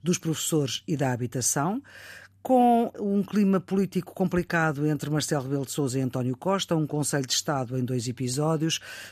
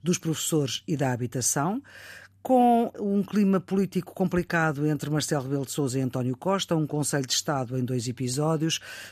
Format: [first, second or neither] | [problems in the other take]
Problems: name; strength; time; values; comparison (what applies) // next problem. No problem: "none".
neither | none